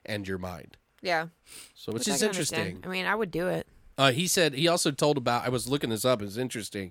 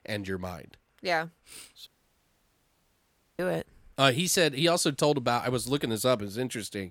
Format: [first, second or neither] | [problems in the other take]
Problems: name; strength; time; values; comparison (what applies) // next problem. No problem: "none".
first | audio cutting out; at 2 s for 1.5 s